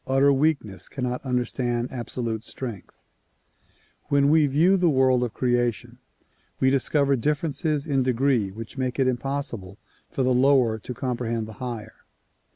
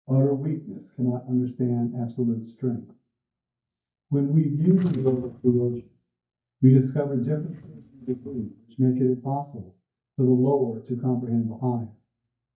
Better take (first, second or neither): first